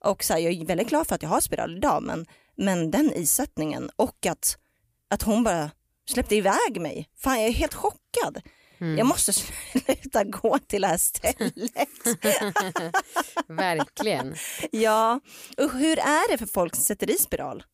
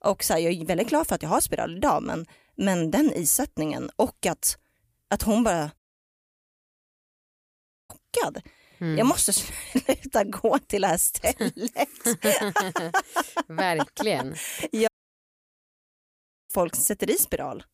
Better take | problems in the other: first | audio cutting out; at 6 s for 2 s and at 15 s for 1.5 s

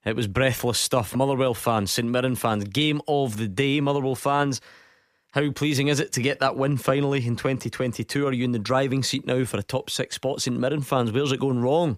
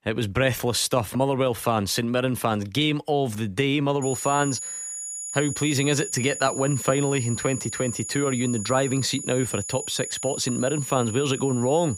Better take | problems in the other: first | high-pitched whine; loud; from 4 s on; 7 kHz, 7 dB below the speech

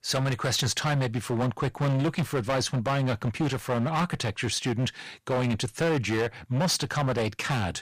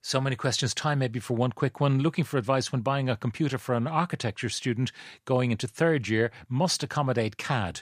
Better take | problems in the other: second | distortion; heavy; 17% of the sound clipped

